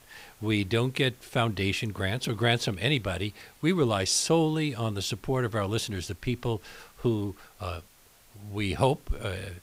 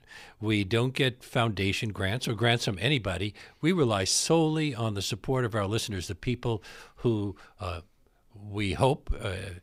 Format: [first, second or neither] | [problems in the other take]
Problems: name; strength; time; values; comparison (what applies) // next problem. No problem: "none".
second | hiss; faint; throughout; 25 dB below the speech